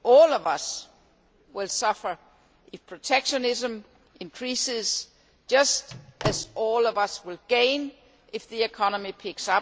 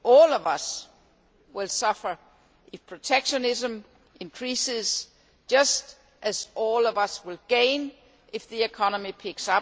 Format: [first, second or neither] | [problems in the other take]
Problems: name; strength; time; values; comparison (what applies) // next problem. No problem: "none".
second | background sound (Slam / Microwave oven); 8 dB below the speech